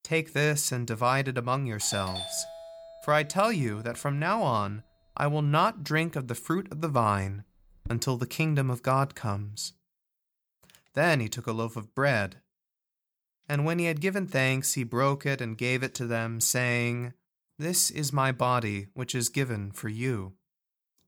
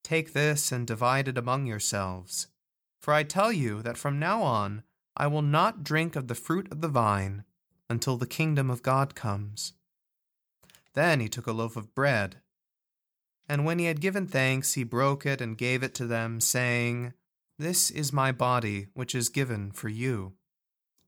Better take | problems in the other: second | doorbell; noticeable; from 2 to 8 s; peak 6 dB below the speech

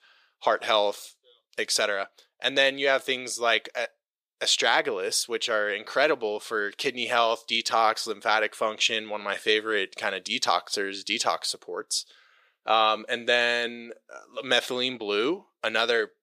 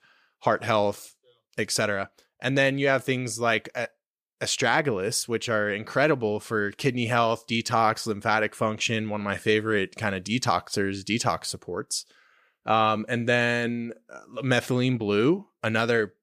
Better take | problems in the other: second | thin; somewhat; fading below 500 Hz

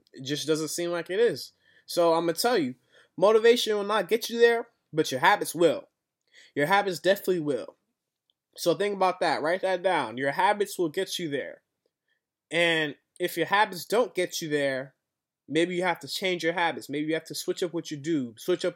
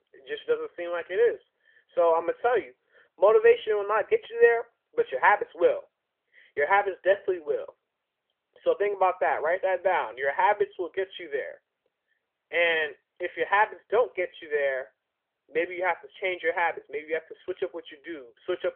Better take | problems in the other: first | phone-call audio; nothing above 3.5 kHz

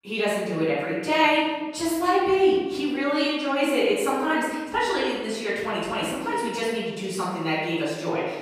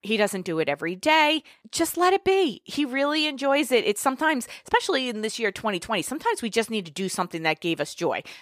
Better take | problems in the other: second | off-mic speech; far // room echo; strong; dies away in 1.3 s

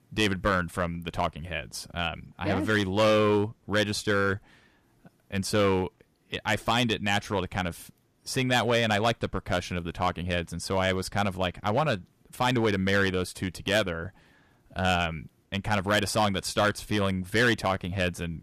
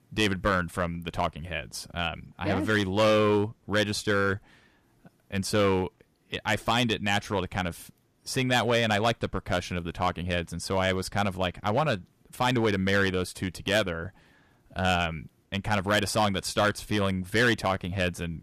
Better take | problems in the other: neither | distortion; slight; 3% of the sound clipped; the same in both

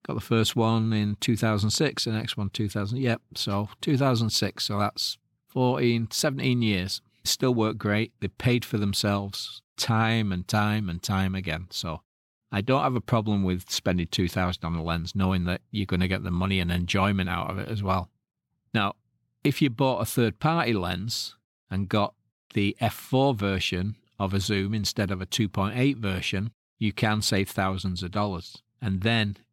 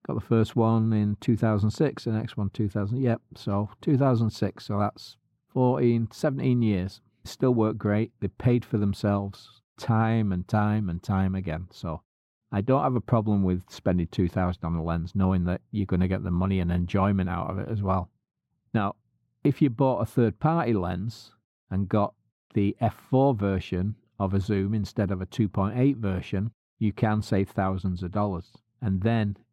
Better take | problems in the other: first | muffled; very; fading above 2 kHz

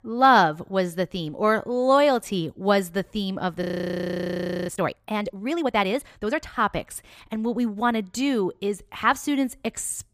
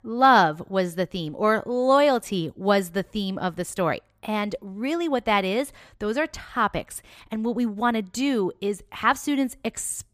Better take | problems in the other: second | audio freezing; at 3.5 s for 1 s

